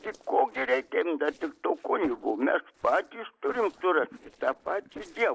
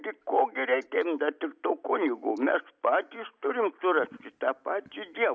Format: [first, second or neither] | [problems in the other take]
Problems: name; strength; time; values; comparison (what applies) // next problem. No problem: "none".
second | noise reduction (neural separator model SepFormer DNS4)